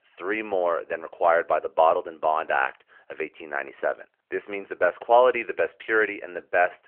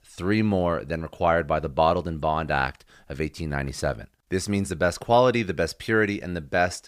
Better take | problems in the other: second | phone-call audio

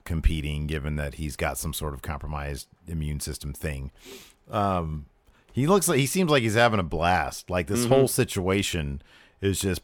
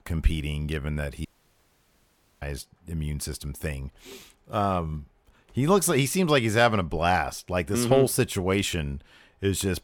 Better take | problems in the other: first | audio cutting out; at 1.5 s for 1 s

